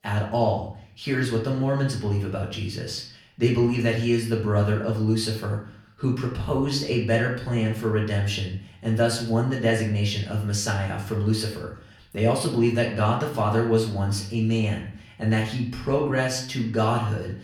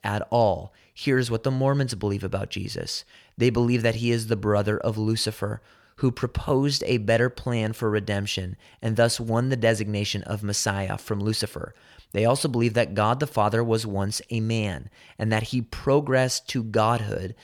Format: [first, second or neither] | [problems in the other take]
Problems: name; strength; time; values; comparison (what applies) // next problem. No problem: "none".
second | room echo; slight; dies away in 0.5 s // off-mic speech; far